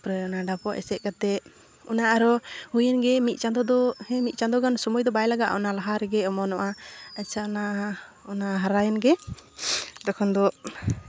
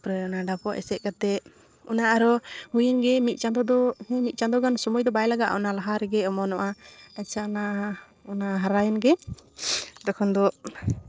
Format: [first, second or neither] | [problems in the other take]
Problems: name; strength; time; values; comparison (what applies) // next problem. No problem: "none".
first | noise reduction (neural separator model SepFormer DNS4)